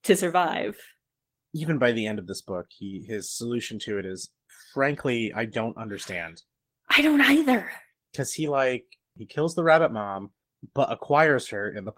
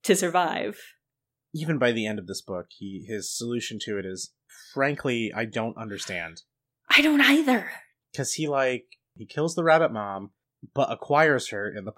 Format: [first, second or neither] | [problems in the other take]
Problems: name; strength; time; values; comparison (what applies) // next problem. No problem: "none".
second | garbled, watery; slightly; nothing above 16 kHz